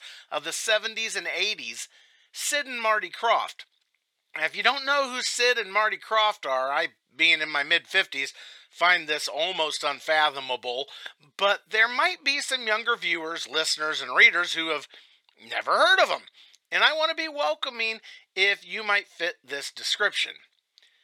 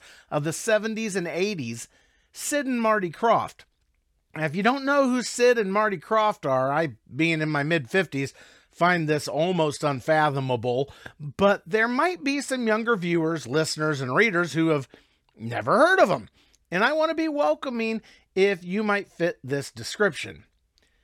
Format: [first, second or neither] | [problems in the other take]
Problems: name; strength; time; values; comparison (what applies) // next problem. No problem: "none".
second | thin; very; fading below 700 Hz